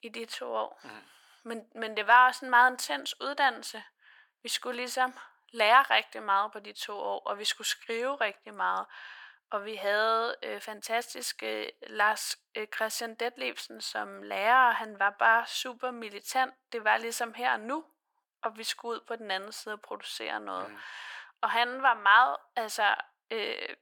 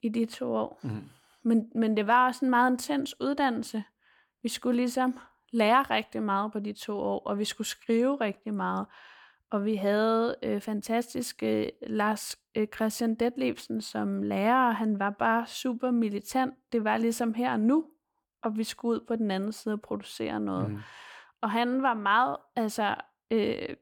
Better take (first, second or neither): second